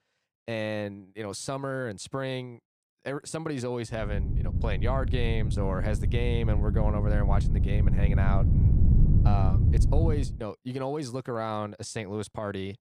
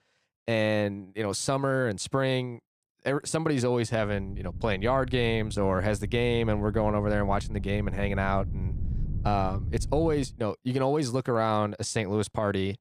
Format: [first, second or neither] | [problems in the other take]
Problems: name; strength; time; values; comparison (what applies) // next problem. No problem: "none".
second | low rumble; loud; from 4 to 10 s; 6 dB below the speech; faint in the second